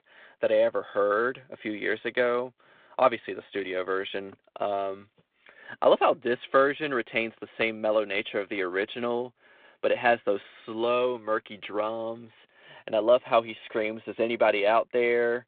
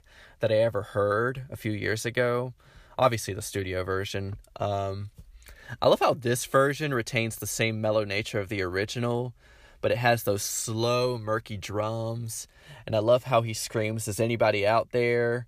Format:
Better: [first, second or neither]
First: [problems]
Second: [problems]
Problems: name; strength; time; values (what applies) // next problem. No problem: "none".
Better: second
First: phone-call audio; nothing above 3.5 kHz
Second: none